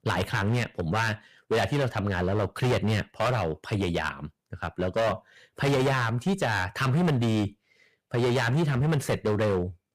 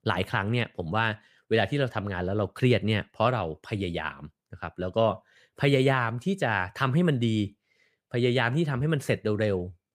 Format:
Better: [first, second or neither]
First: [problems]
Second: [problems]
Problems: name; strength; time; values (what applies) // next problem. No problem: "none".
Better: second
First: distortion; heavy; 15% of the sound clipped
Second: none